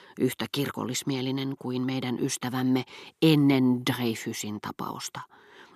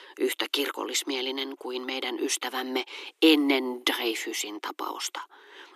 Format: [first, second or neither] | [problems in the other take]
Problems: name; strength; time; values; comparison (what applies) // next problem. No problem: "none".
first | thin; somewhat; fading below 300 Hz